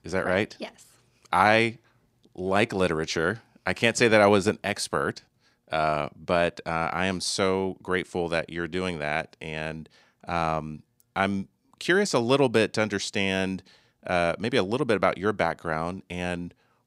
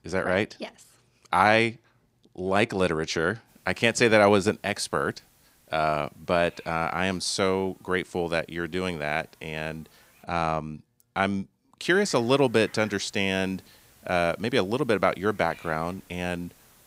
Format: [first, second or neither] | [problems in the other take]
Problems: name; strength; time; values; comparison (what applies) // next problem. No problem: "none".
first | hiss; faint; from 3.5 to 10 s and from 12 s on; 30 dB below the speech